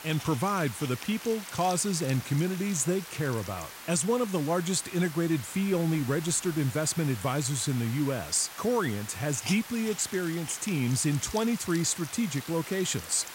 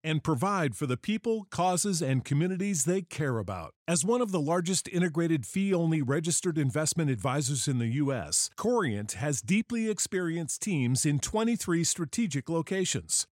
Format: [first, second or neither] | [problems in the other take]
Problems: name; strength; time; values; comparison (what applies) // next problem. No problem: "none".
second | hiss; noticeable; throughout; 10 dB below the speech